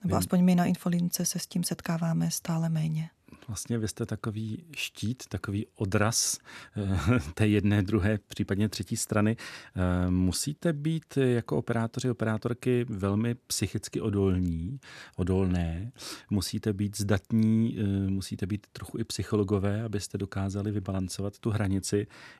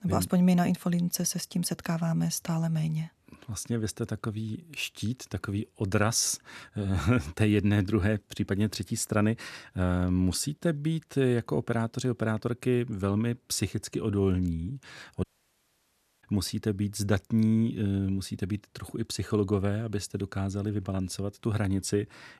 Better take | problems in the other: first | audio cutting out; at 15 s for 1 s

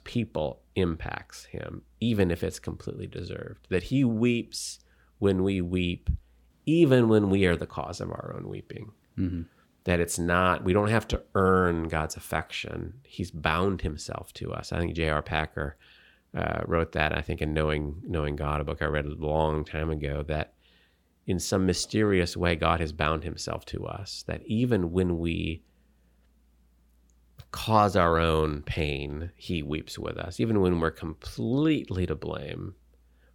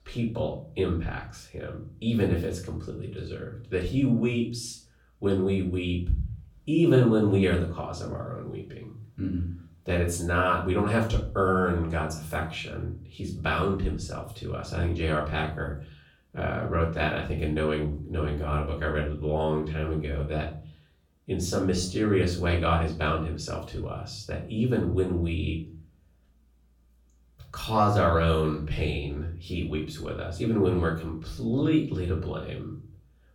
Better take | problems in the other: first | off-mic speech; far // room echo; slight; dies away in 0.4 s

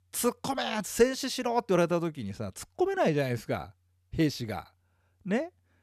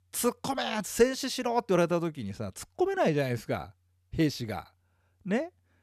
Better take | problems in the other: neither | none

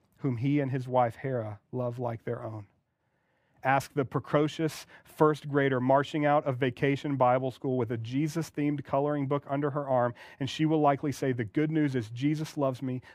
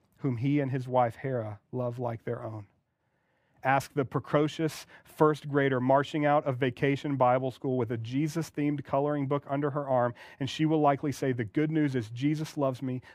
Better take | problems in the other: neither | muffled; slightly; fading above 4 kHz; the same in both

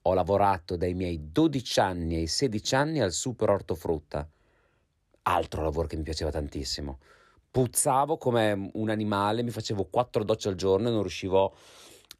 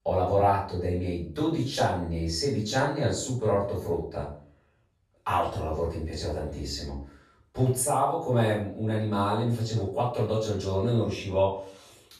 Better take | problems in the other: first | off-mic speech; far // room echo; noticeable; dies away in 0.4 s

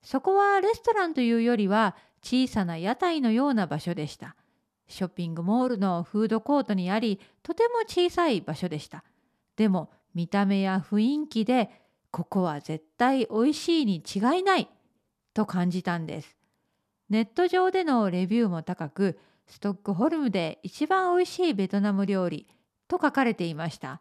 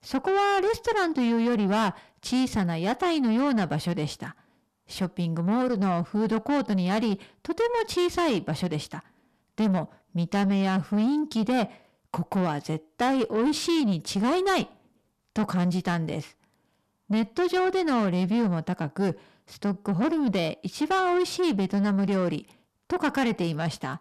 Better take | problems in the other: first | distortion; slight; 10 dB below the speech

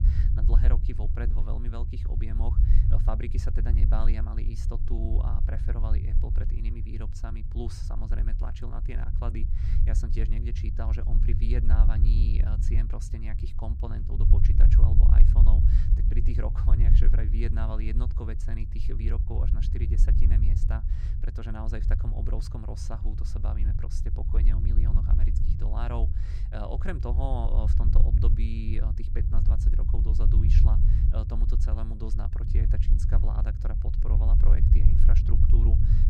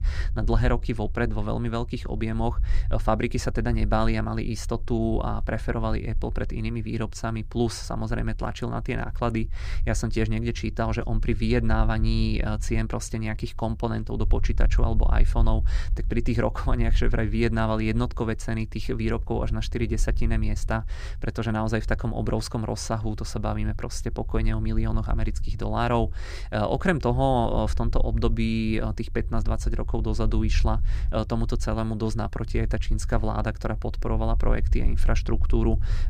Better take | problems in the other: second | low rumble; loud; throughout; 2 dB below the speech; faint in the second

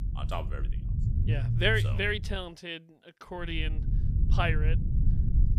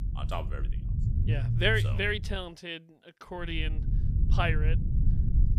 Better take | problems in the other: neither | low rumble; noticeable; until 2.5 s and from 3.5 s on; 15 dB below the speech; the same in both

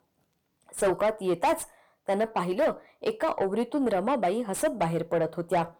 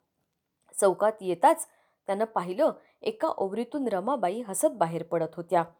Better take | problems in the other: second | distortion; heavy; 7 dB below the speech

